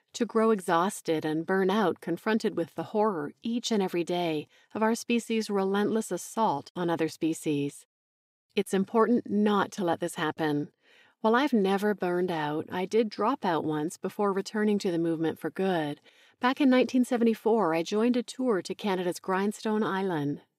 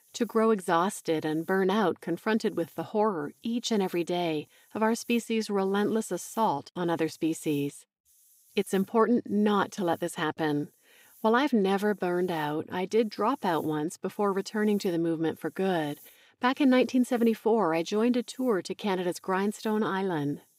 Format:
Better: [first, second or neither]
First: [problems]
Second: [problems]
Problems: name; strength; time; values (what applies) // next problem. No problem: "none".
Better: first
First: none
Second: hiss; faint; throughout; 30 dB below the speech